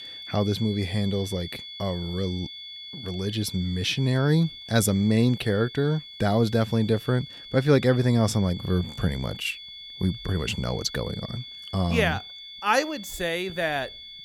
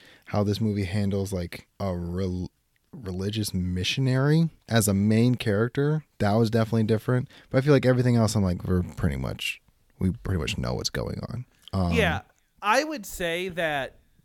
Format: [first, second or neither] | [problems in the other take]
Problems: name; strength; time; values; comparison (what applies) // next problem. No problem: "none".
second | high-pitched whine; noticeable; throughout; 3.5 kHz, 15 dB below the speech